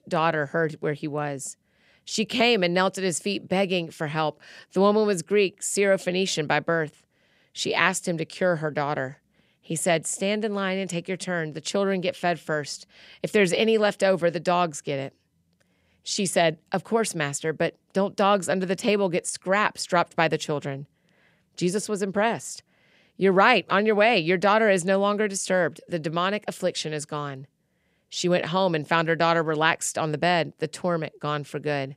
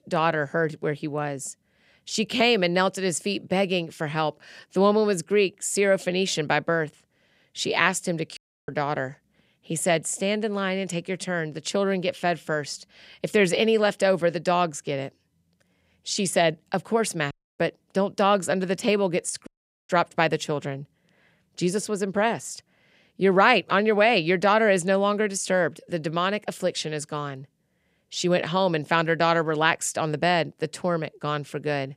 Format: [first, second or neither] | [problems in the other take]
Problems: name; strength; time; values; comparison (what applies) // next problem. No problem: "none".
first | audio cutting out; at 8.5 s, at 17 s and at 19 s